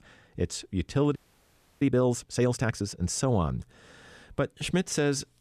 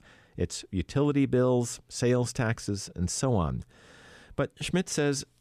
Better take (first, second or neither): second